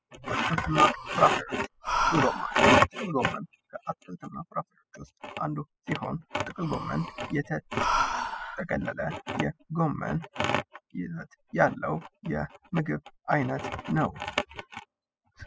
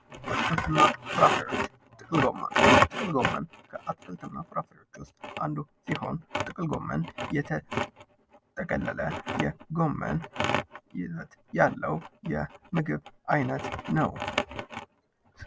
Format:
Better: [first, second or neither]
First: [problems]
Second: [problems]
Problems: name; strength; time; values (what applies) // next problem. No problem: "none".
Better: second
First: noise reduction (classical method spectral subtraction)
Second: none